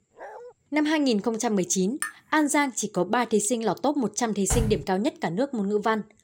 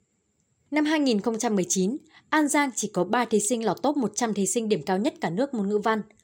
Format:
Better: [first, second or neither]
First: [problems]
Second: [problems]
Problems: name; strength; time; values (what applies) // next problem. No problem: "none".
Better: second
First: dog barking; faint; at the start; peak 15 dB below the speech // clattering dishes; noticeable; at 2 s; peak 8 dB below the speech // door banging; noticeable; at 4.5 s; peak 4 dB below the speech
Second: none